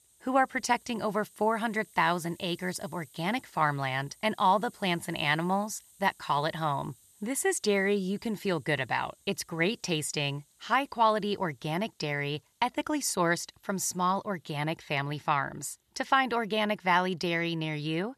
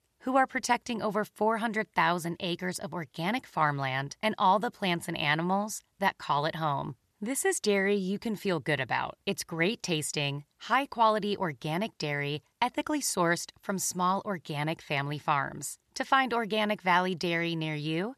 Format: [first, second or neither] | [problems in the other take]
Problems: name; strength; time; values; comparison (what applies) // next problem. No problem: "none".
second | hiss; faint; throughout; 30 dB below the speech